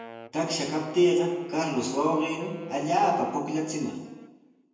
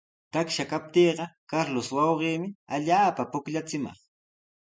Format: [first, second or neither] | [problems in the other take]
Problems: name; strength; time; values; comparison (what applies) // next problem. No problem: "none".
second | background sound (Wind instrument, woodwind instrument); 19 dB below the speech // room echo; dies away in 1 s